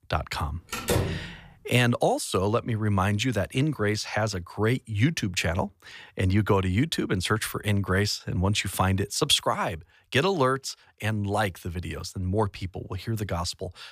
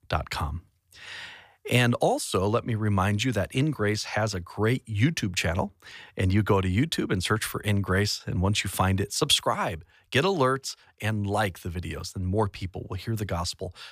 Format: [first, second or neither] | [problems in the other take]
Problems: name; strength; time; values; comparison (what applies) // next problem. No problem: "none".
second | door banging; noticeable; at 0.5 s; peak level with the speech